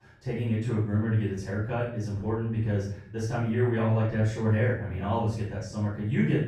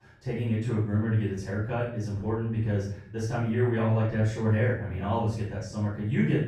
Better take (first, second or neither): neither